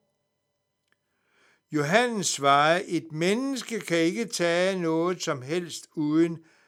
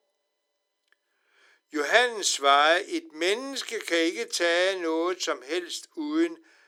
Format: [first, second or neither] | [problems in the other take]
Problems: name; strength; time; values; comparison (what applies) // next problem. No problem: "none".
first | thin; somewhat; fading below 300 Hz